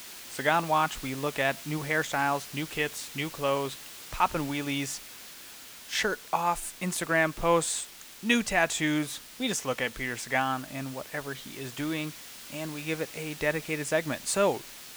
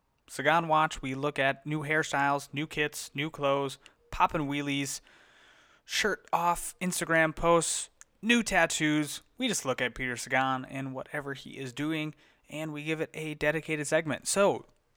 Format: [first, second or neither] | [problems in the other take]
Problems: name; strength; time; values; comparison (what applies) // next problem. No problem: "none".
second | hiss; noticeable; throughout; 15 dB below the speech